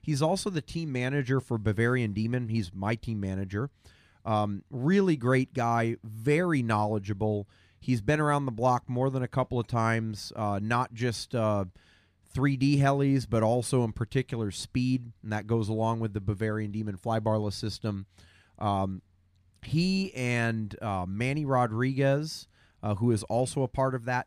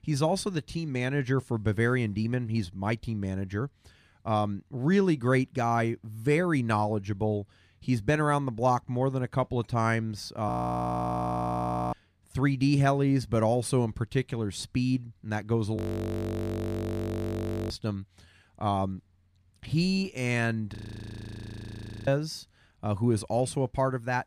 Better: first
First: none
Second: audio freezing; at 10 s for 1.5 s, at 16 s for 2 s and at 21 s for 1.5 s

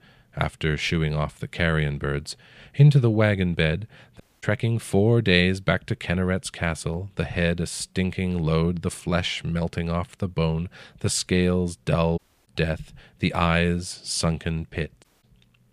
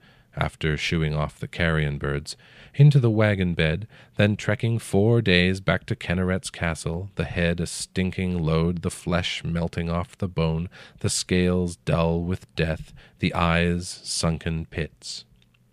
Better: second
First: audio cutting out; at 4 s, at 12 s and at 15 s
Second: none

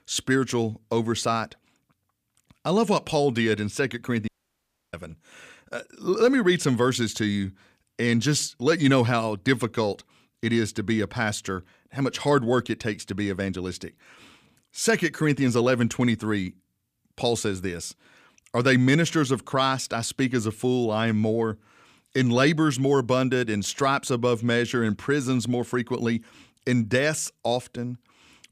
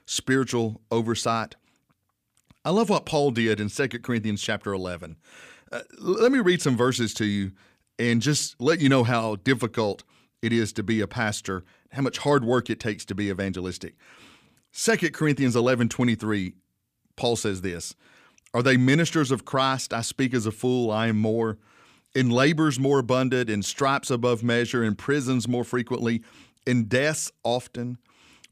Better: second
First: audio cutting out; at 4.5 s for 0.5 s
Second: none

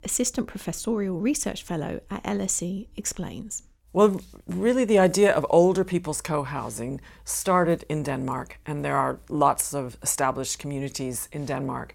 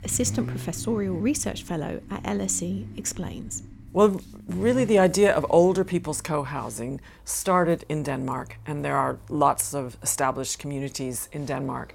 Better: first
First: none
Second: traffic noise; noticeable; throughout; 15 dB below the speech

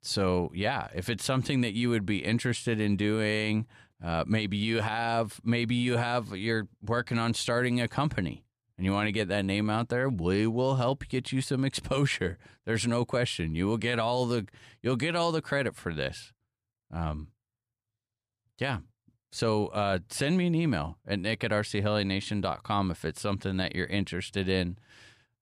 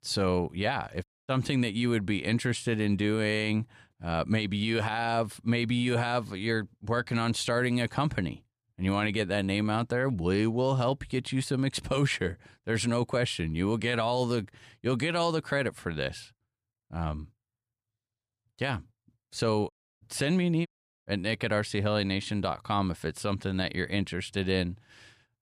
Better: first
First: none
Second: audio cutting out; at 1 s, at 20 s and at 21 s

